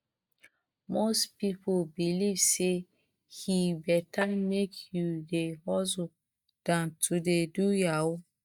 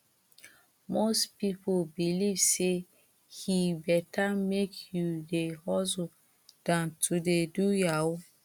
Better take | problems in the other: second | noise reduction (neural mask model DeepFilterNet 3)

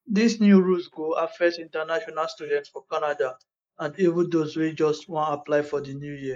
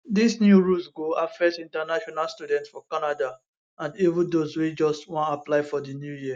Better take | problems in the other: second | noise reduction (neural mask model Resemble Enhance denoiser)

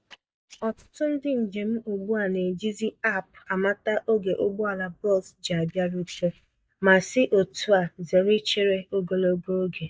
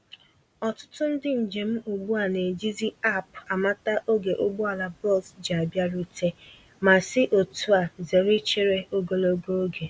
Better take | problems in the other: second | noise reduction (neural mask model DeepFilterNet 3)

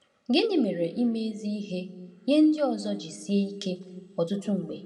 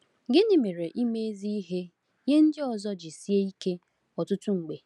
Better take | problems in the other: second | room echo; dies away in 1.1 s

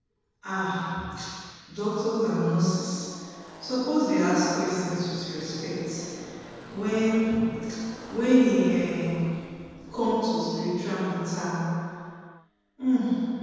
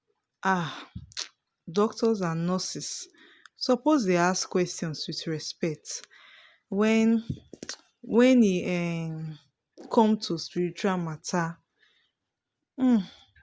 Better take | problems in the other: second | background sound (Car passing by / Race car, auto racing); 20 dB below the speech // room echo; dies away in 2.1 s

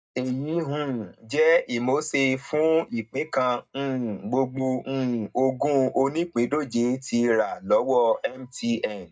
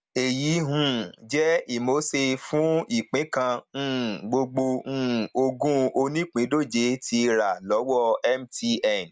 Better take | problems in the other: second | noise reduction (neural mask model DeepFilterNet 3)

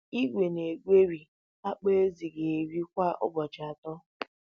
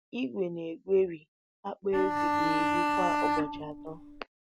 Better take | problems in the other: first | background sound (Bowed string instrument); 4 dB above the speech

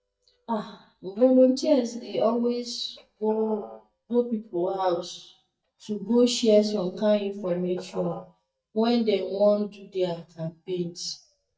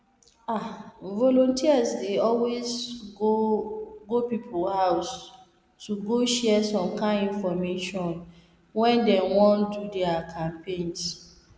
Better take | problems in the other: second | noise reduction (neural mask model DeepFilterNet 3)

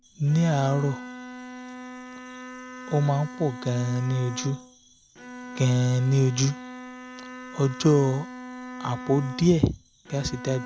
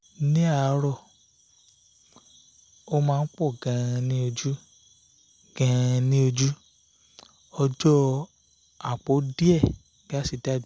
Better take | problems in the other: second | background sound (Bowed string instrument); 13 dB below the speech

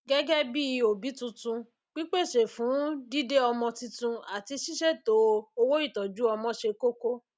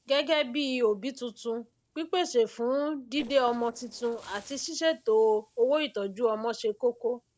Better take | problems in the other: first | noise reduction (neural separator model SepFormer DNS4)

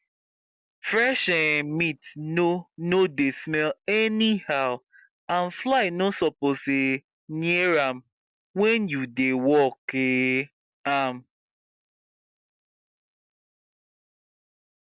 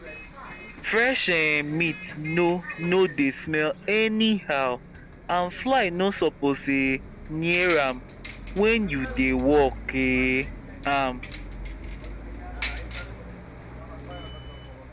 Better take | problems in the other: first | background sound (Bus); 12 dB below the speech

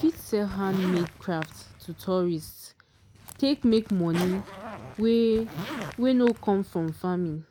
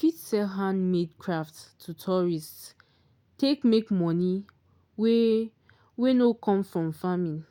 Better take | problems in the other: second | background sound (Zipper (clothing)); 14 dB below the speech

